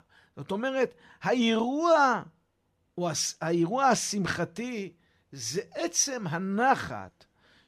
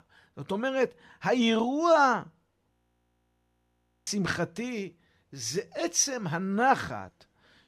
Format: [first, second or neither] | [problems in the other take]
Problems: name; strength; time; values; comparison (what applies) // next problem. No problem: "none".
first | audio freezing; at 2.5 s for 1.5 s